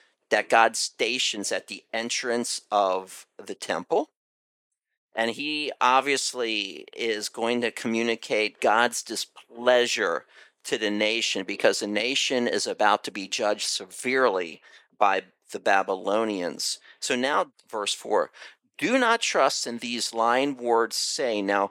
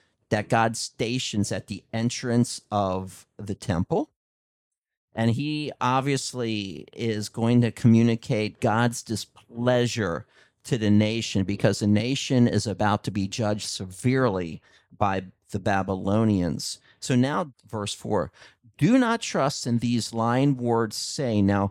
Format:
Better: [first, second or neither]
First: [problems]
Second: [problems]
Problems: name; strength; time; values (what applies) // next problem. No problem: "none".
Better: second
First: thin; somewhat; fading below 400 Hz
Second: none